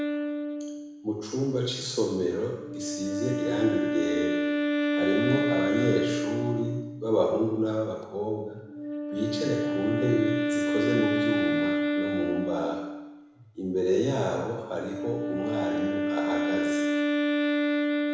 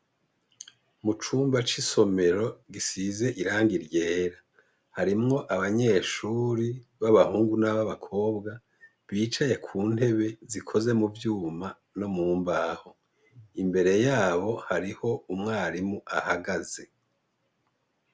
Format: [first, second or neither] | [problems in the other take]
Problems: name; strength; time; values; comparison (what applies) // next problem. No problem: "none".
second | background sound (Wind instrument, woodwind instrument); 1 dB above the speech // room echo; dies away in 0.9 s